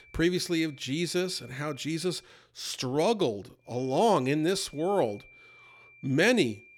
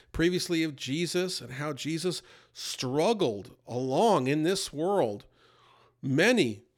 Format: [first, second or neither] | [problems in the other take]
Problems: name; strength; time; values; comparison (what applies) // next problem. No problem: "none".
second | high-pitched whine; faint; until 2 s and from 3.5 s on; 2.5 kHz, 25 dB below the speech